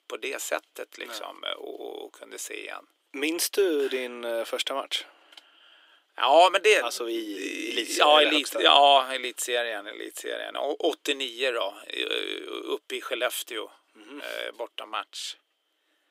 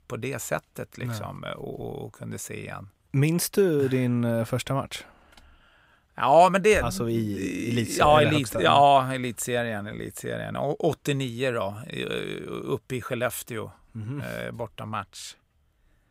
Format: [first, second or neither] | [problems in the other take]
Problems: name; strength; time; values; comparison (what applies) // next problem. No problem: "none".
second | thin; very; fading below 300 Hz